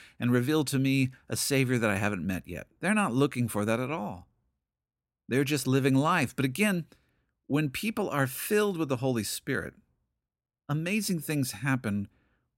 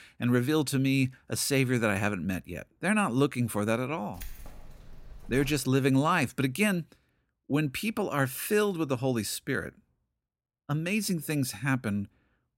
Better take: first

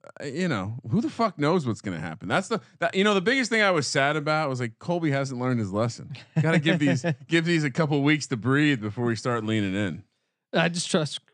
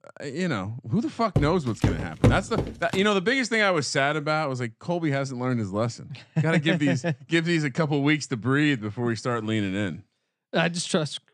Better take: first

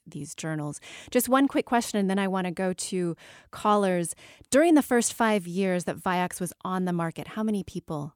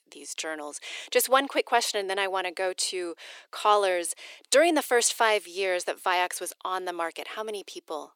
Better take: first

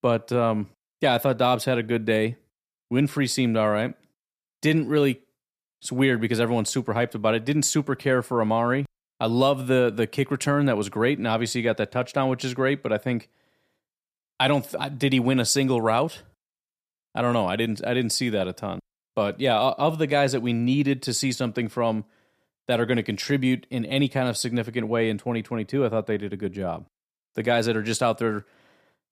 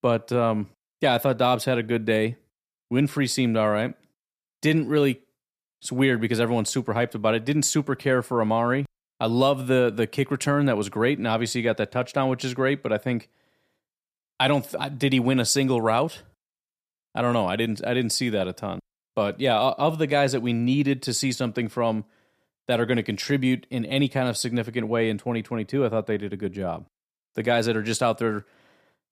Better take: neither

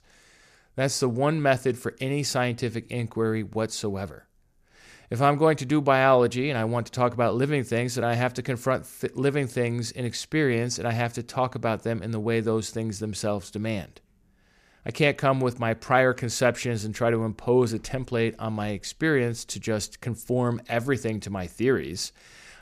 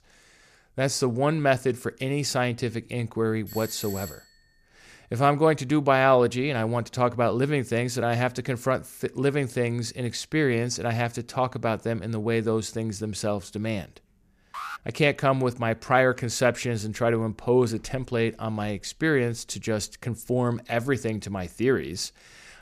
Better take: first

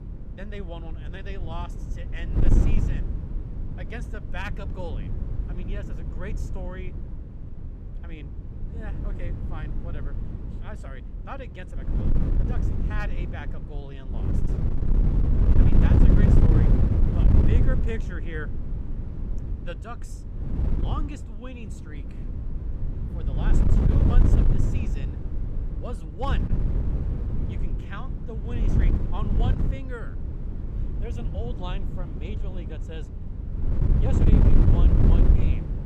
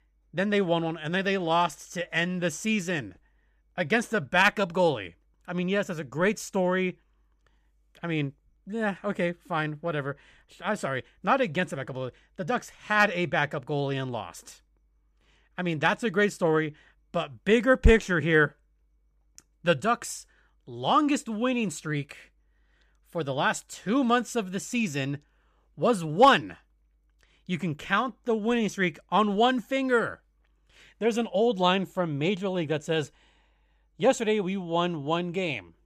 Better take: second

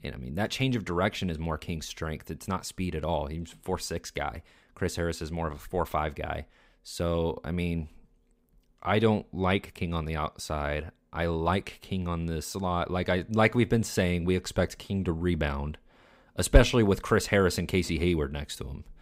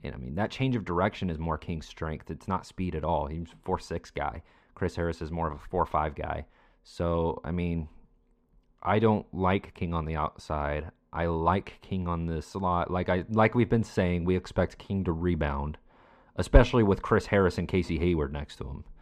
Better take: first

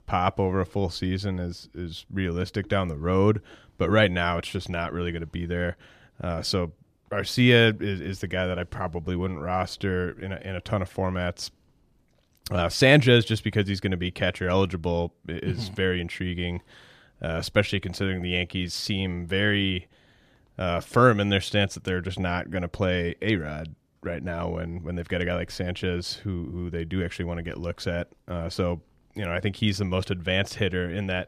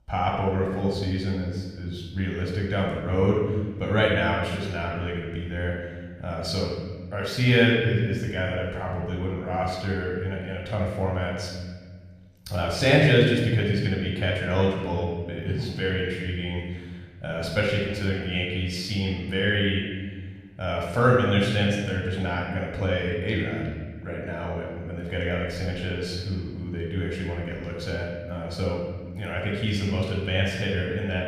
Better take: first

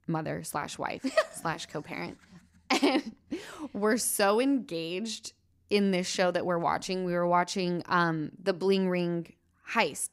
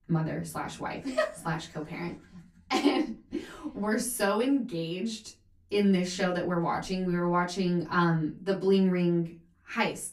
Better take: first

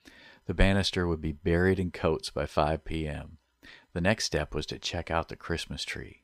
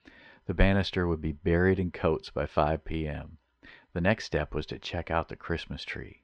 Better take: first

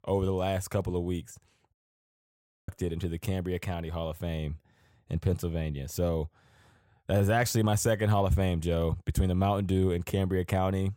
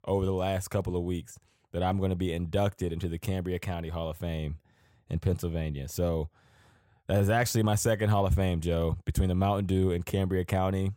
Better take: second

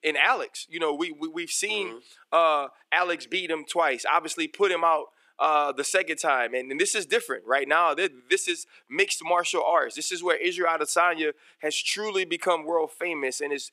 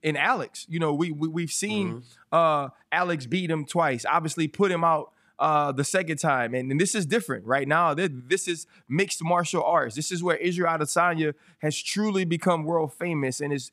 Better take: second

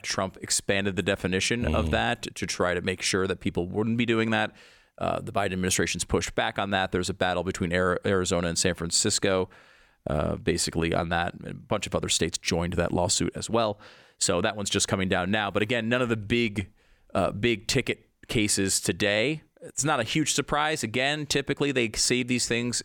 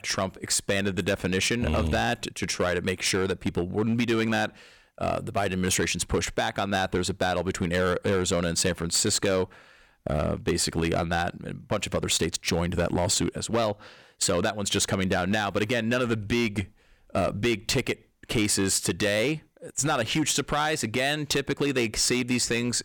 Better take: first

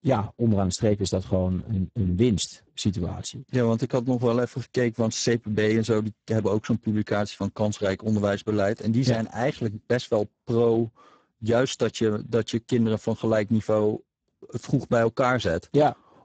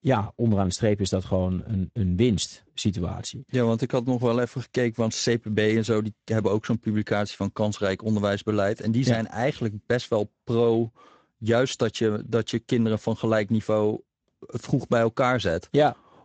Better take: second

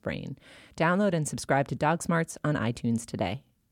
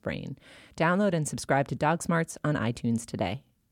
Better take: neither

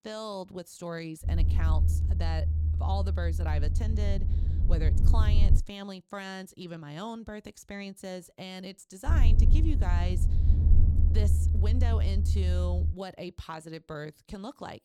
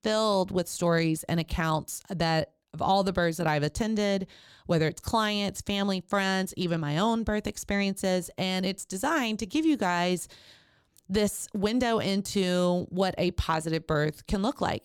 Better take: second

